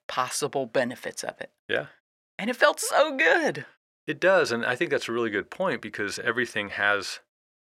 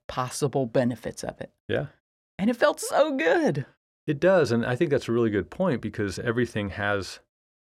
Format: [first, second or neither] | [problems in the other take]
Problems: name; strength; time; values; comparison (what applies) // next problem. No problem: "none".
second | thin; somewhat; fading below 800 Hz